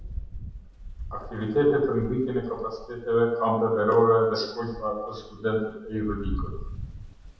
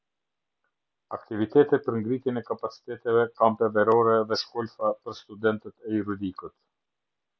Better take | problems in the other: second | background sound (Rain); 12 dB below the speech // room echo; dies away in 0.7 s

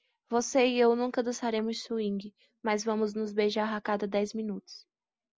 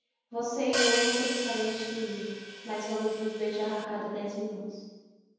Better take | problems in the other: first | background sound (Hi-hat); 2 dB below the speech // room echo; dies away in 1.2 s

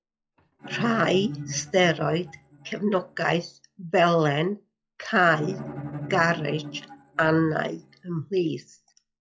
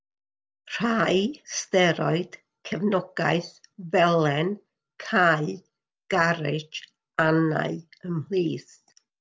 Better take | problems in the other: second | noise reduction (classical method log-MMSE)

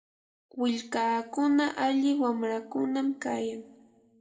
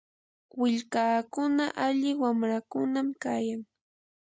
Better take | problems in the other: second | room echo; dies away in 0.9 s

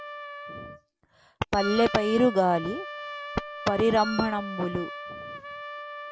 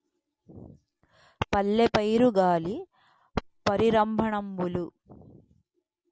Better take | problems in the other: second | background sound (Wind instrument, woodwind instrument + Trumpet); 10 dB below the speech

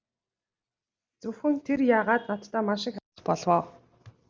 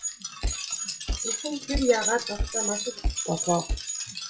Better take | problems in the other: first | noise reduction (classical method WPE with log-MMSE)

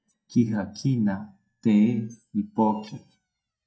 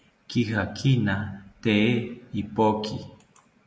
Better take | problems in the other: second | noise reduction (neural mask model DeepFilterNet 3)

